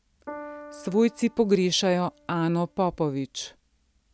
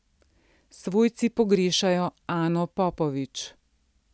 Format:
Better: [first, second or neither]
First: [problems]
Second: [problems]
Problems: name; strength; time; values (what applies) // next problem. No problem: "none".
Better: second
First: background sound (Piano); 19 dB below the speech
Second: none